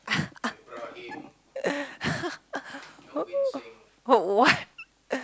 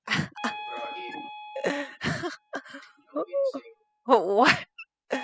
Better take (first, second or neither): first